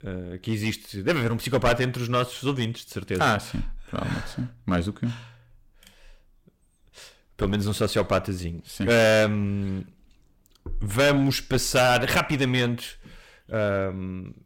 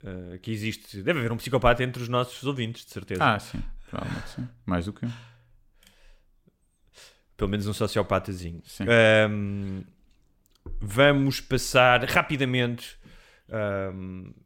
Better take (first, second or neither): second